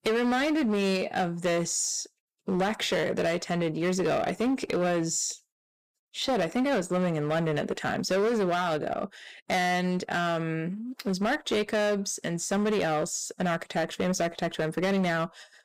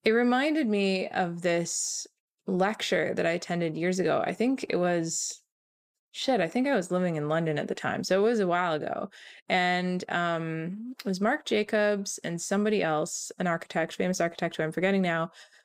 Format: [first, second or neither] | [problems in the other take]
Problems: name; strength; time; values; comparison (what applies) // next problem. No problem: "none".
second | distortion; slight; 14% of the sound clipped